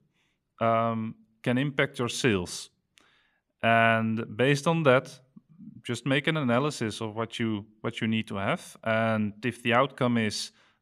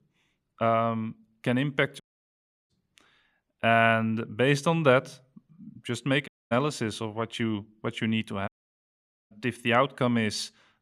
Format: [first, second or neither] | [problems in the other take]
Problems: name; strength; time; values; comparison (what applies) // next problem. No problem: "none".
first | audio cutting out; at 2 s for 0.5 s, at 6.5 s and at 8.5 s for 1 s